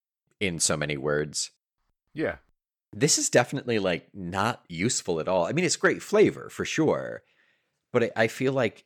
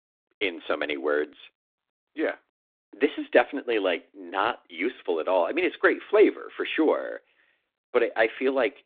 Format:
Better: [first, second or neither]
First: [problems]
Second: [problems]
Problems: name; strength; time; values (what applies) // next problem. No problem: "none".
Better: first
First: none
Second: phone-call audio